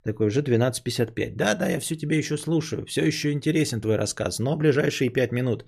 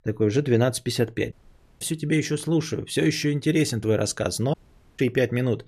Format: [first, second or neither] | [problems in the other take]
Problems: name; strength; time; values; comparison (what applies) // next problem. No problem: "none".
first | audio cutting out; at 1.5 s and at 4.5 s